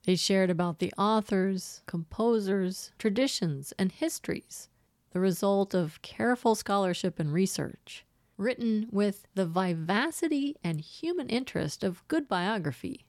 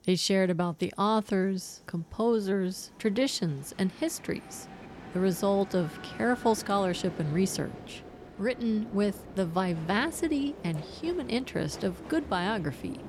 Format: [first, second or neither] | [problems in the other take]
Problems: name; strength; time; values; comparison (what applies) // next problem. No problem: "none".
first | train or aircraft noise; noticeable; throughout; 15 dB below the speech